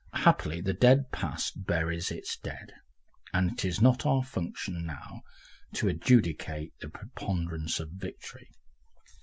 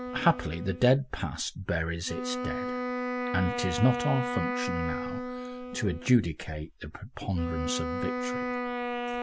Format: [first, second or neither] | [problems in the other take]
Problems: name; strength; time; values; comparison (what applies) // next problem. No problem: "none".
first | background sound (Wind instrument, woodwind instrument); 4 dB below the speech